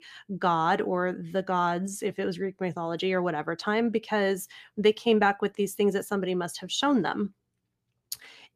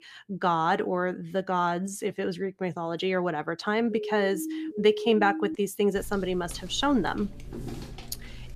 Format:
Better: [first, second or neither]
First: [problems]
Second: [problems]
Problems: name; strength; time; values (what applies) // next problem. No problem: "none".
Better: first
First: none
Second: siren; noticeable; from 4 to 5.5 s; peak 6 dB below the speech // footsteps; faint; from 6 s on; peak 10 dB below the speech